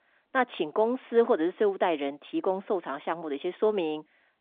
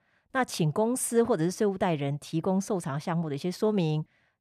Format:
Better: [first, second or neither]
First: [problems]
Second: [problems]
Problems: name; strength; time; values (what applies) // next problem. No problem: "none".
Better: second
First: phone-call audio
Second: none